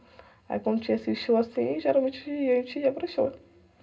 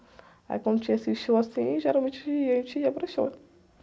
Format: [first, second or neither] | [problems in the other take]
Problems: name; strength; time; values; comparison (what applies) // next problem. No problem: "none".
second | room echo; dies away in 0.2 s